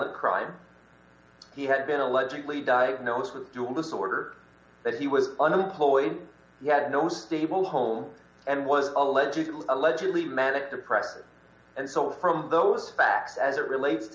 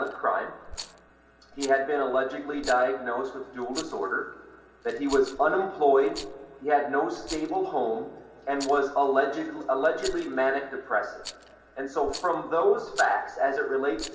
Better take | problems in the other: first | background sound (Rattle); 18 dB below the speech // room echo; dies away in 1.7 s

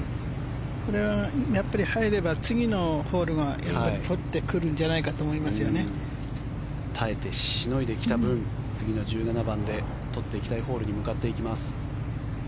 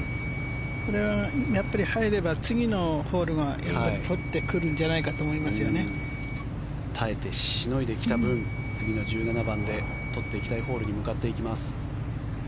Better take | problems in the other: first | background sound (Wind instrument, woodwind instrument); 14 dB below the speech

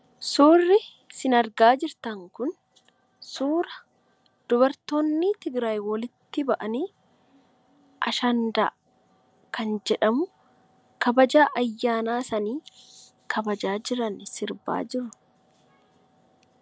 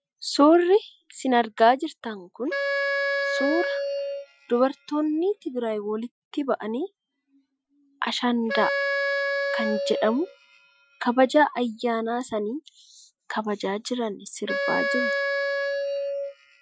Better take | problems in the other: first | noise reduction (classical method Wiener filter)

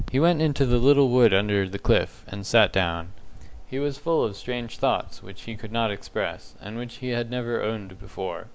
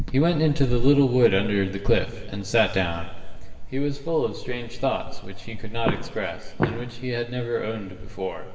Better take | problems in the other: first | background sound (Walk, footsteps); 7 dB below the speech // room echo; dies away in 2.5 s

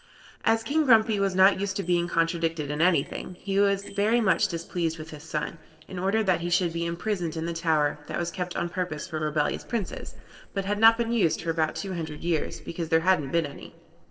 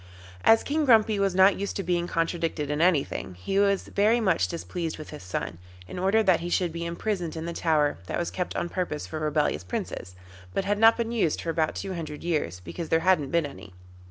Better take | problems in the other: second | noise reduction (neural separator model SepFormer DNS4)

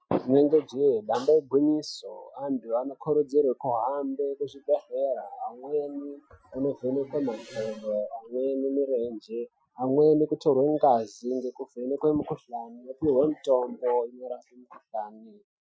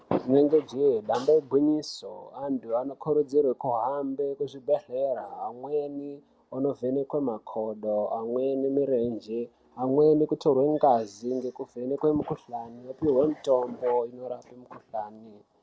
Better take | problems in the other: second | noise reduction (classical method Wiener filter)

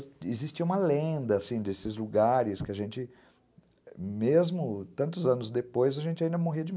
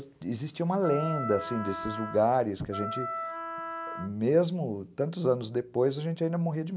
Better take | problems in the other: first | background sound (Wind instrument, woodwind instrument); 7 dB below the speech

